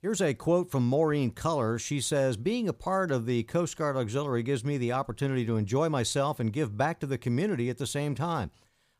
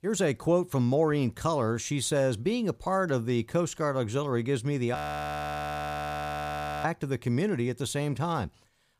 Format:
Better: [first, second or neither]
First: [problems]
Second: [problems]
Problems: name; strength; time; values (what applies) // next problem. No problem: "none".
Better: first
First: none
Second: audio freezing; at 5 s for 2 s